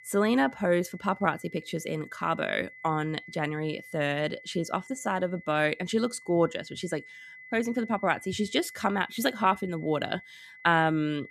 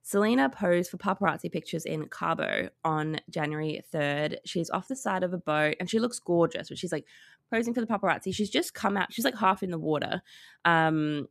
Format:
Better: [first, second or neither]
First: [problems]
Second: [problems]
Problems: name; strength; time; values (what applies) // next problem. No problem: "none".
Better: second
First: high-pitched whine; noticeable; throughout; 2 kHz, 20 dB below the speech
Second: none